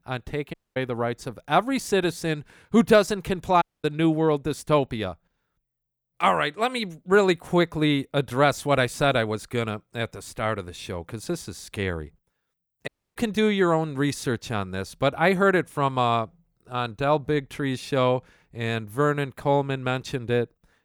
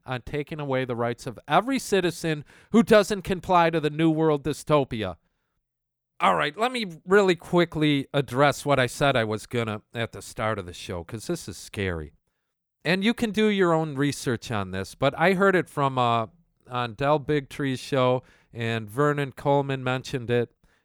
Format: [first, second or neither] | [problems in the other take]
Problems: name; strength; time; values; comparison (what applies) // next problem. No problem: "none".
second | audio cutting out; at 0.5 s, at 3.5 s and at 13 s